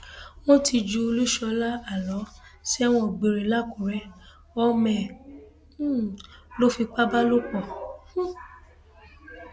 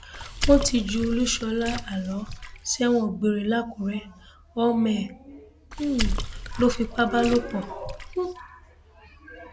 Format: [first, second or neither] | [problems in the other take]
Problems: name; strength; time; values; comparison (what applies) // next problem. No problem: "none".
first | background sound (Water / Splash, splatter); 5 dB below the speech